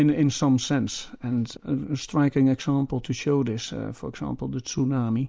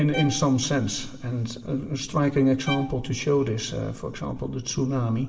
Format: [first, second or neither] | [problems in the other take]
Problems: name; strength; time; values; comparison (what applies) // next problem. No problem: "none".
first | background sound (Bowed string instrument); 16 dB below the speech // room echo; dies away in 2.5 s